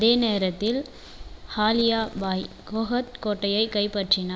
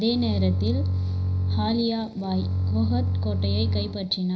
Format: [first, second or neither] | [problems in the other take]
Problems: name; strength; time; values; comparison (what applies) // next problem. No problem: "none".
first | background sound (Bowed string instrument); 2 dB above the speech // room echo; dies away in 0.4 s